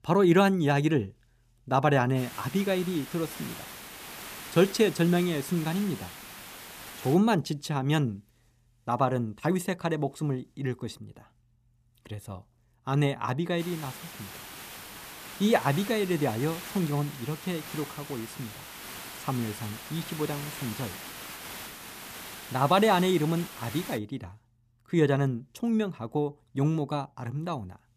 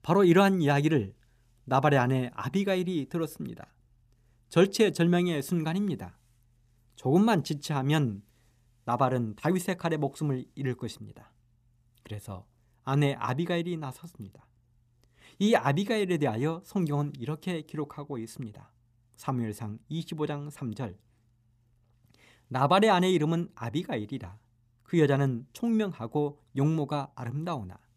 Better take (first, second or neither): second